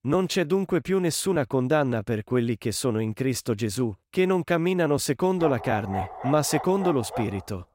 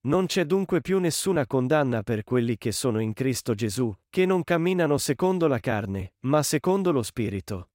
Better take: second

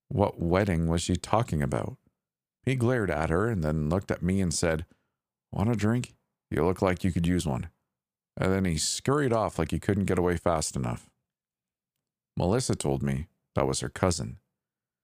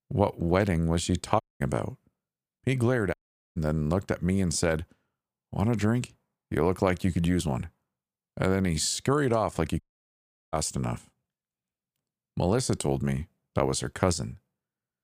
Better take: first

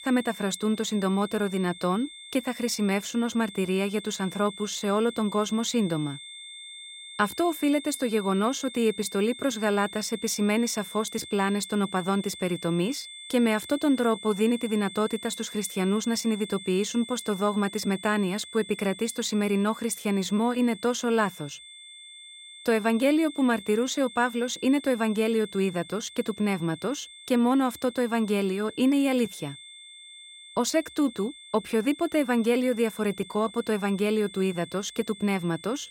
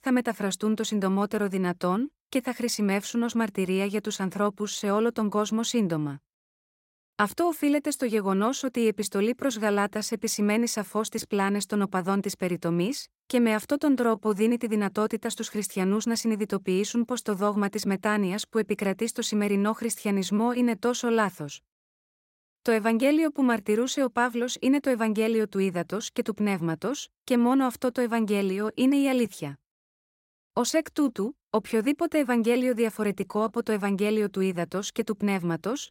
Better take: second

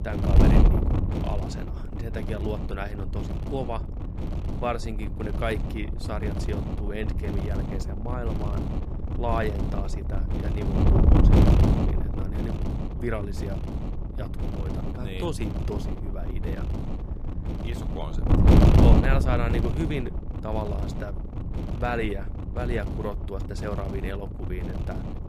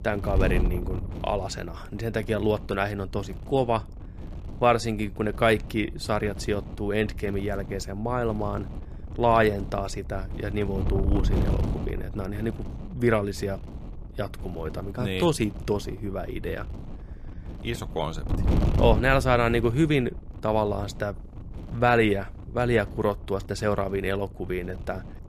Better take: second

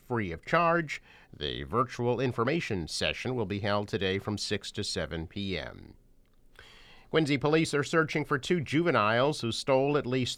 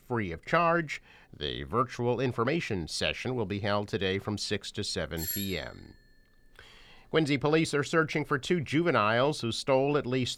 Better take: first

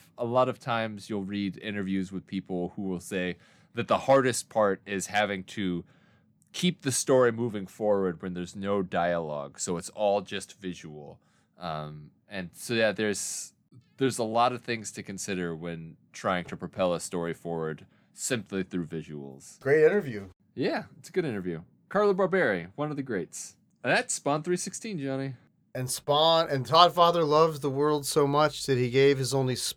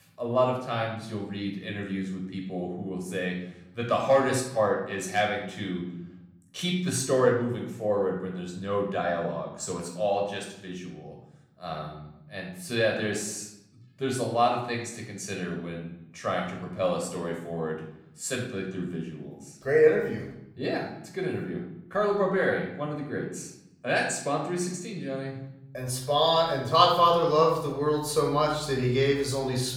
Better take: first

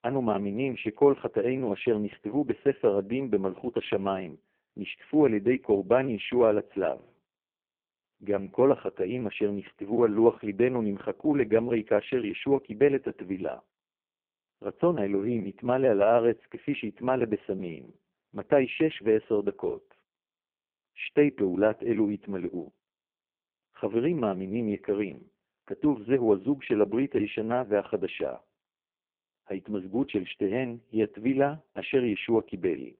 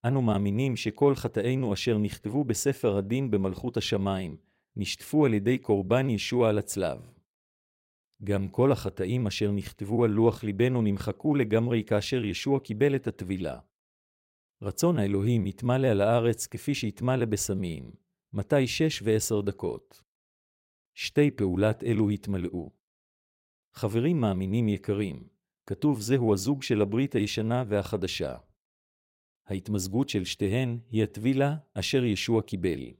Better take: second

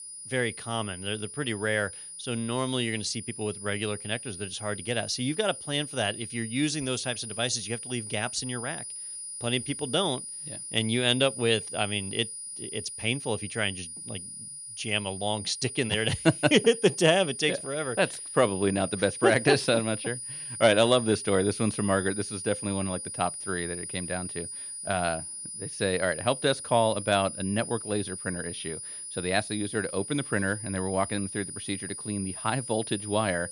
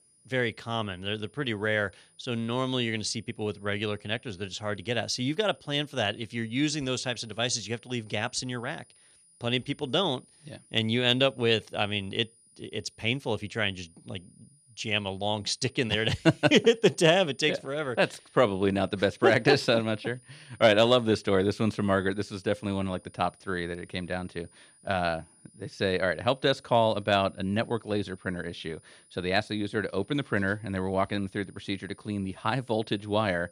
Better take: second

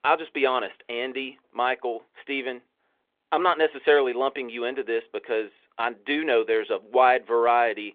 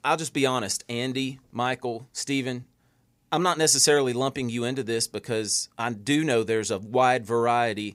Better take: second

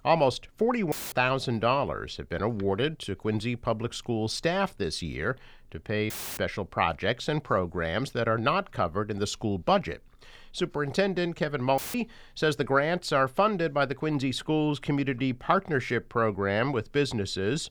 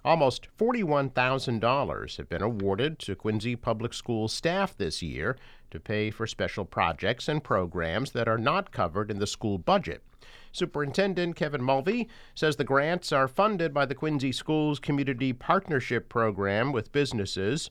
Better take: second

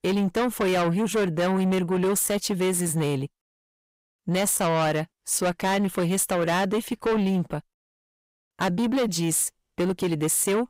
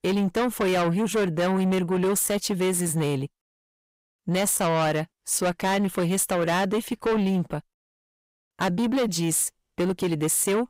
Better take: neither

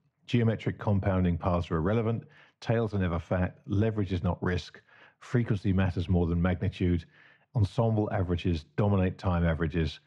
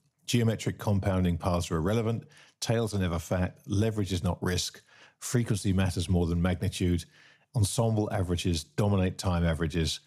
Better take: second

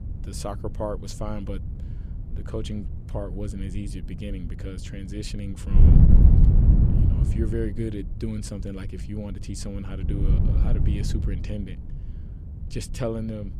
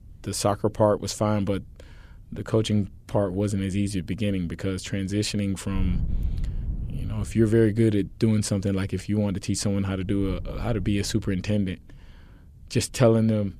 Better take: second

